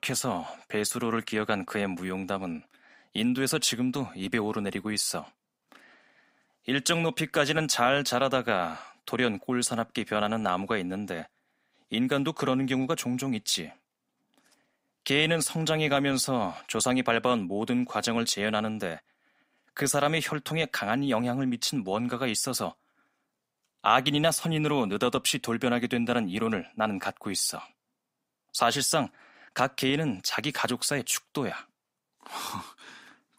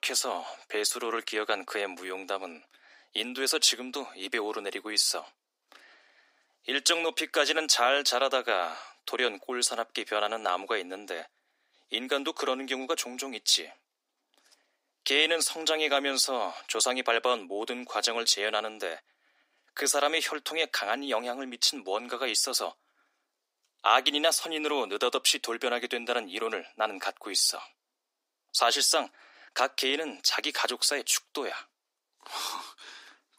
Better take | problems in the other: first | thin; somewhat; fading below 300 Hz

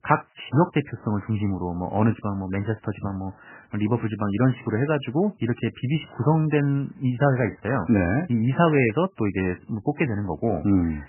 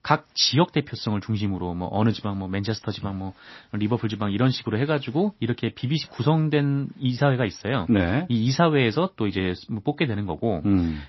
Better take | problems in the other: second | garbled, watery; badly; nothing above 3 kHz; slightly in the second

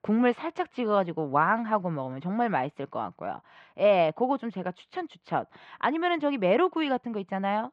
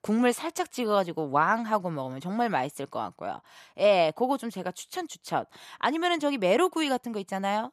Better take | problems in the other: second | muffled; very; fading above 2.5 kHz

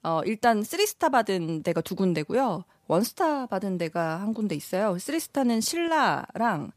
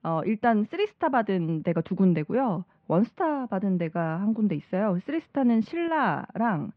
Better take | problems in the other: first | muffled; very; fading above 2.5 kHz

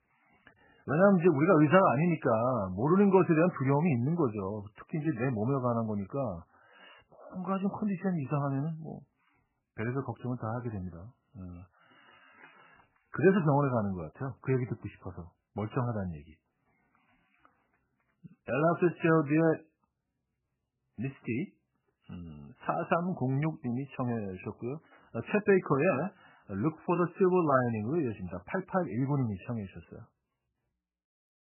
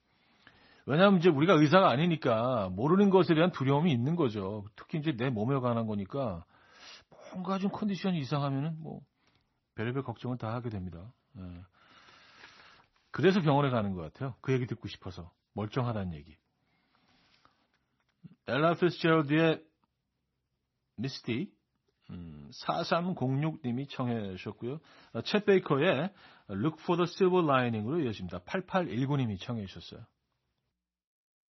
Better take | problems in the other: second | garbled, watery; badly; nothing above 3 kHz; slightly in the second

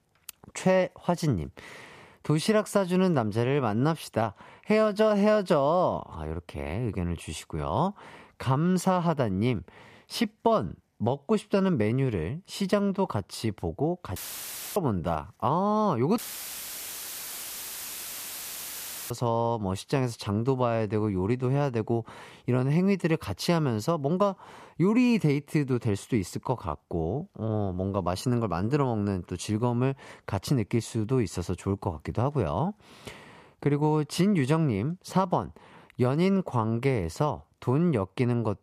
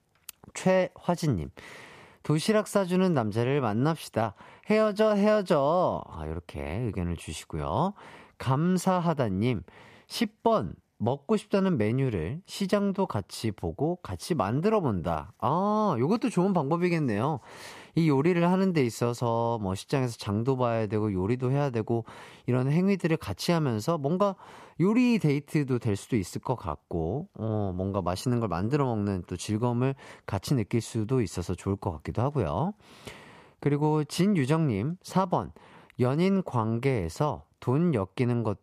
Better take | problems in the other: second | audio cutting out; filled with static; at 14 s for 0.5 s and at 16 s for 3 s

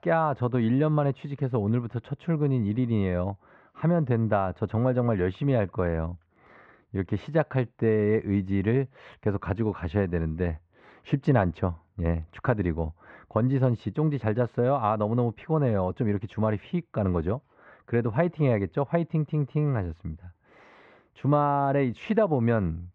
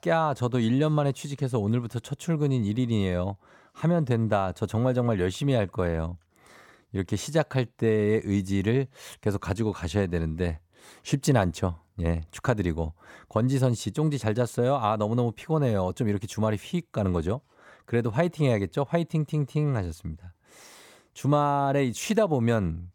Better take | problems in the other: second | muffled; very; fading above 2.5 kHz

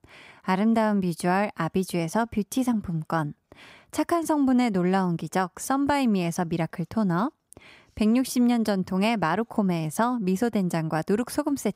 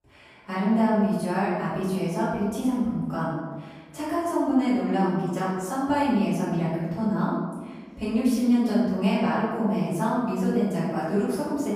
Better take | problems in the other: first | room echo; strong; dies away in 1.3 s // off-mic speech; far

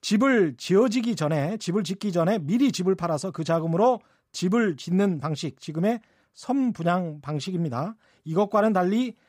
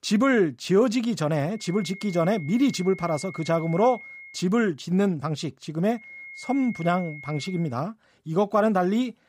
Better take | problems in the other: first | high-pitched whine; noticeable; from 1.5 to 4.5 s and from 6 to 7.5 s; 2 kHz, 15 dB below the speech

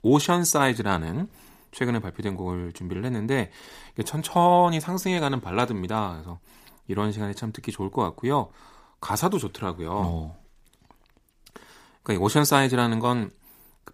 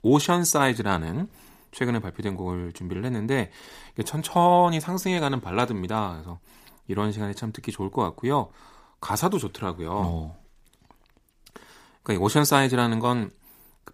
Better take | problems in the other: neither | none

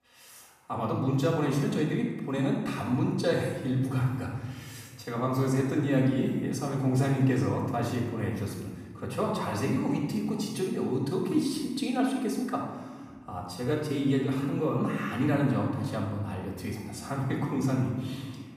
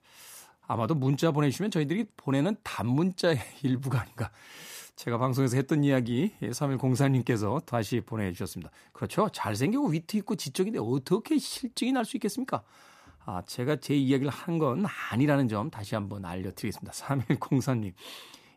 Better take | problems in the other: second | off-mic speech; far // room echo; noticeable; dies away in 1.3 s

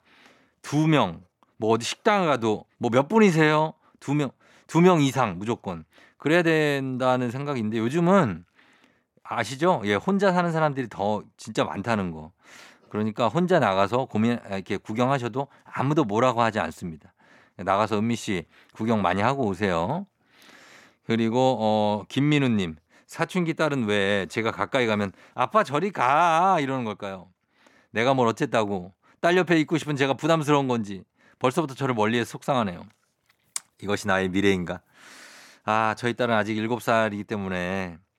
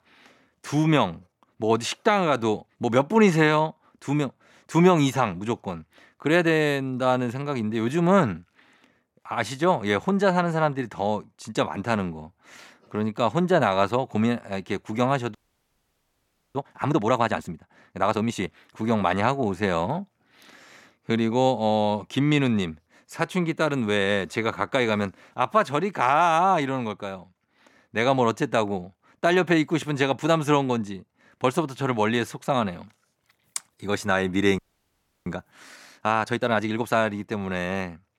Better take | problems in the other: first | audio freezing; at 15 s for 1 s and at 35 s for 0.5 s

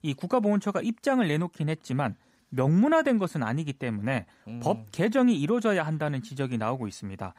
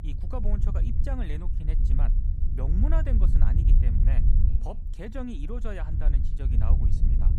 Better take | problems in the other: first | low rumble; loud; throughout; 3 dB below the speech

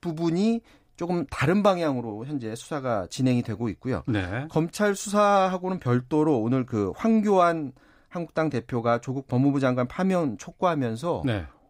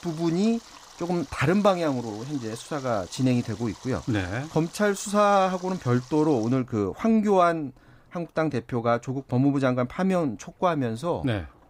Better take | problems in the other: first | rain or running water; faint; throughout; 20 dB below the speech

